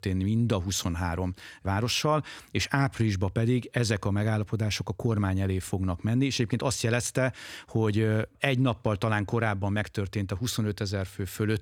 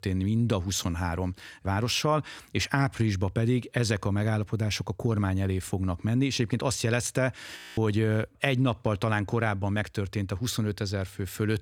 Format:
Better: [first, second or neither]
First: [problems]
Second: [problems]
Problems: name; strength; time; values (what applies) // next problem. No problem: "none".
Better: first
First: none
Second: audio freezing; at 7.5 s